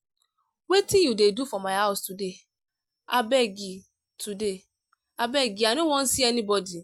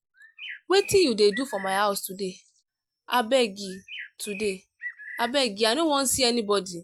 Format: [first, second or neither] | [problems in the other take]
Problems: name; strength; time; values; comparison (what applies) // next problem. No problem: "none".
first | background sound (Bird); 16 dB below the speech